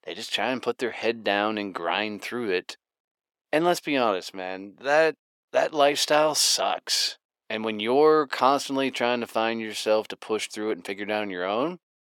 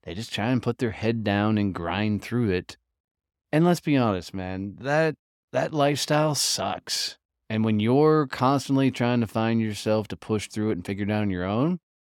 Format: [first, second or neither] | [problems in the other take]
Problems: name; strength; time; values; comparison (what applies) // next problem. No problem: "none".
second | thin; somewhat; fading below 500 Hz